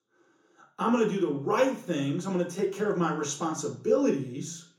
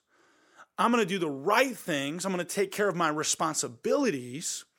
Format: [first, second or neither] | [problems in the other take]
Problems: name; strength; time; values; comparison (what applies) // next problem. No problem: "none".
second | room echo; slight; dies away in 0.6 s // off-mic speech; far